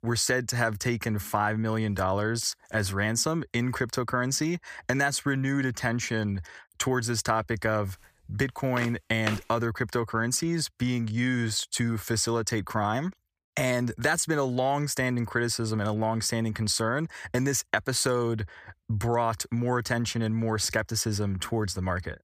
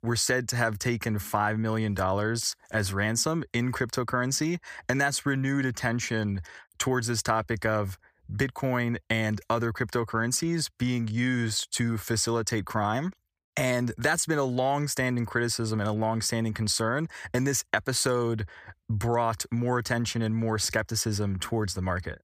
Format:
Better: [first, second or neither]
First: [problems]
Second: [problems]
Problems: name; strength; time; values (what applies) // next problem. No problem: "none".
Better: second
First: footsteps; noticeable; at 9 s; peak 7 dB below the speech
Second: none